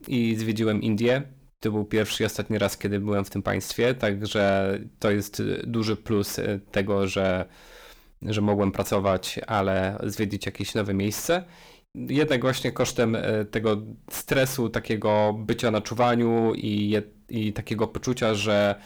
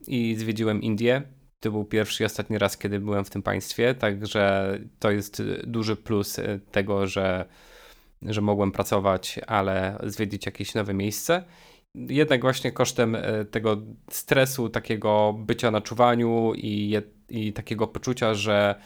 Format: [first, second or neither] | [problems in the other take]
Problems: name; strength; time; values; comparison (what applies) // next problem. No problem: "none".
second | distortion; slight; 10 dB below the speech